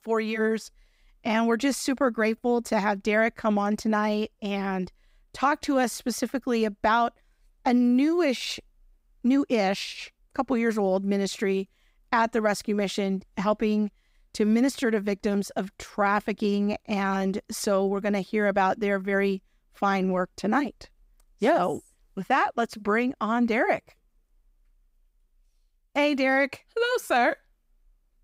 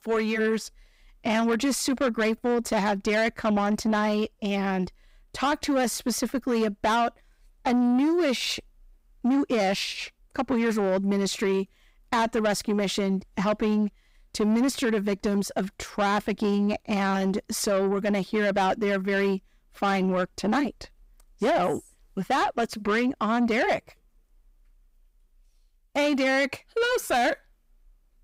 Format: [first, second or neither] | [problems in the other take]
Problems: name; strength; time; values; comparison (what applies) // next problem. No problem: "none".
first | distortion; slight; 10 dB below the speech